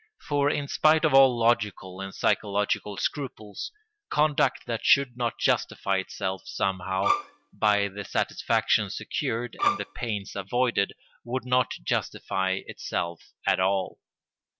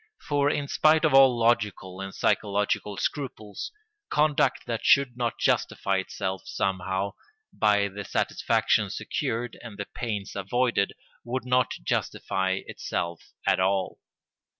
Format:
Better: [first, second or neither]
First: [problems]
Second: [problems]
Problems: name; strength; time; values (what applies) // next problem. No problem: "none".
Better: second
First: background sound (Bowed string instrument); 2 dB below the speech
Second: none